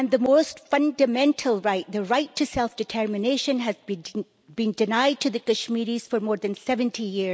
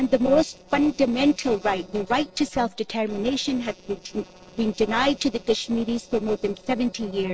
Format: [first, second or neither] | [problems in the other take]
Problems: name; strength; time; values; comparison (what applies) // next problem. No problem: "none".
first | noise reduction (neural separator model SepFormer DNS4)